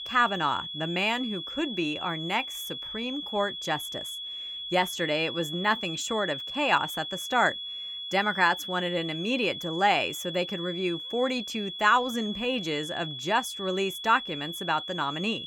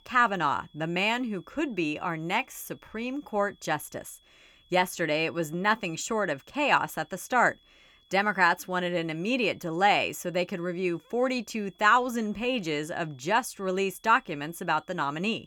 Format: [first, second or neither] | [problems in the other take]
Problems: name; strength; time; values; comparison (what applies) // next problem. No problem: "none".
second | high-pitched whine; loud; throughout; 3.5 kHz, 7 dB below the speech; faint in the second